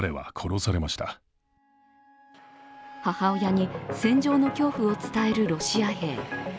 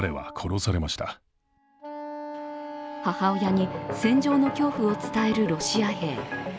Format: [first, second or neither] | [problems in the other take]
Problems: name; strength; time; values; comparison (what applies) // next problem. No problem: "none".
first | background sound (Wind instrument, woodwind instrument); 12 dB below the speech